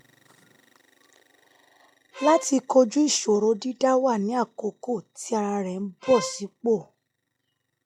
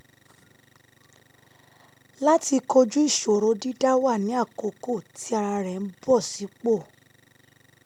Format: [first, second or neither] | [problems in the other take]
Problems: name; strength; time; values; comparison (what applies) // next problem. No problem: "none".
second | noise reduction (classical method log-MMSE)